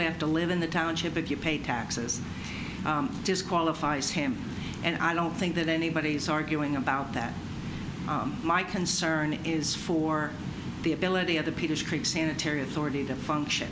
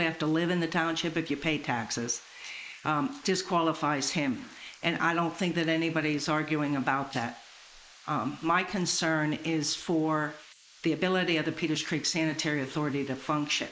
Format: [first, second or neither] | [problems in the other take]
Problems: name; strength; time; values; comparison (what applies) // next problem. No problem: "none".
first | noise reduction (neural mask model Resemble Enhance denoiser)